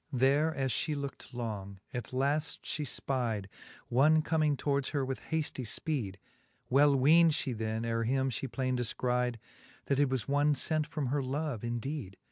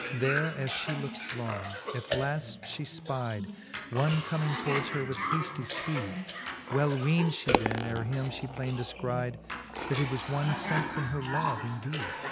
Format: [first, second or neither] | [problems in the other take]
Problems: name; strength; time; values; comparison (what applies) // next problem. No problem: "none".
first | background sound (Cough + Coin (dropping)); 3 dB below the speech